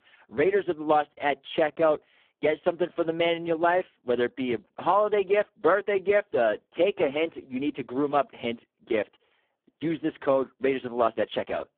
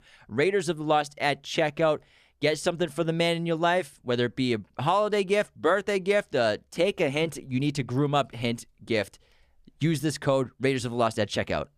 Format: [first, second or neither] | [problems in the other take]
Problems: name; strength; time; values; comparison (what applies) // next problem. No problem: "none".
second | phone-call audio; poor line